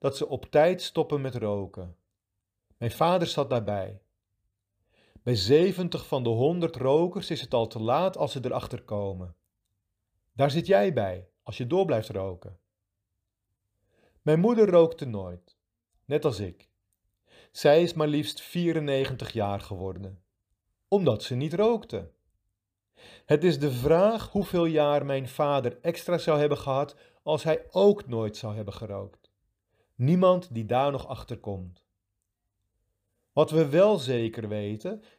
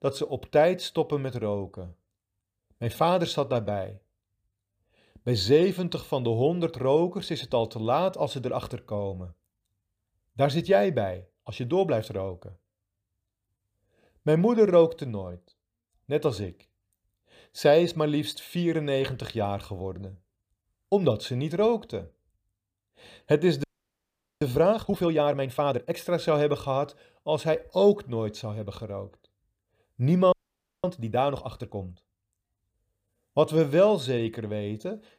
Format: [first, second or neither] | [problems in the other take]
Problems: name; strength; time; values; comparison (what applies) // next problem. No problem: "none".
first | audio freezing; at 24 s for 1 s and at 30 s for 0.5 s